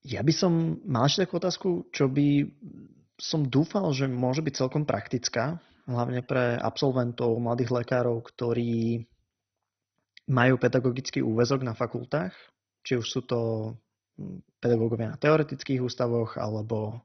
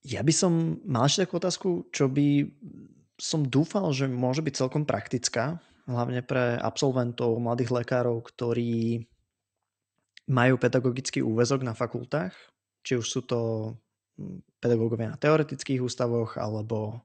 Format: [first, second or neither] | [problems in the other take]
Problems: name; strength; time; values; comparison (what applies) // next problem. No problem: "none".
second | garbled, watery; badly; nothing above 6 kHz; slightly in the second